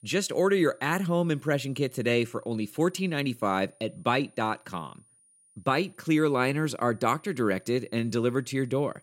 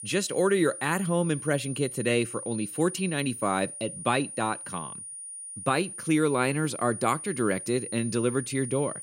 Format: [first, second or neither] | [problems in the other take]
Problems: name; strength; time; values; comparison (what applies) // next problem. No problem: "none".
first | high-pitched whine; loud; throughout; 9.5 kHz, 9 dB below the speech; faint in the first